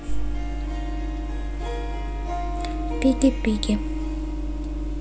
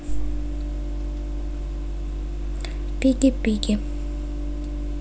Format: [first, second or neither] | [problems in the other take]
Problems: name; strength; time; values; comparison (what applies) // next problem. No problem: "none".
second | background sound (Harp); 11 dB below the speech